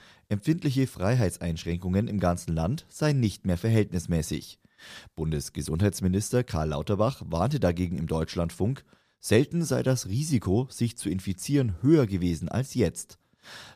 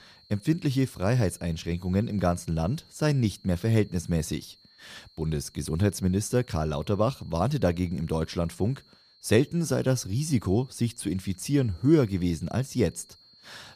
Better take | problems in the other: first | high-pitched whine; faint; throughout; 4 kHz, 30 dB below the speech

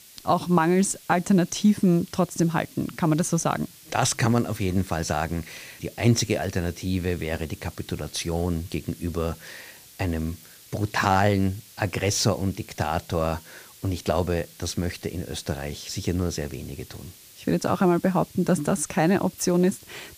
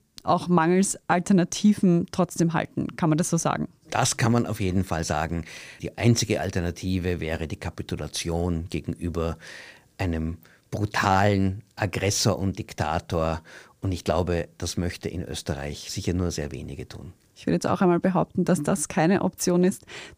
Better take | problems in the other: second | hiss; faint; throughout; 20 dB below the speech

